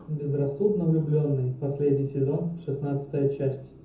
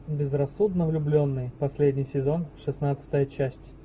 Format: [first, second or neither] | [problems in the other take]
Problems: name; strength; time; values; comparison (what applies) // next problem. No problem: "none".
second | room echo; dies away in 0.5 s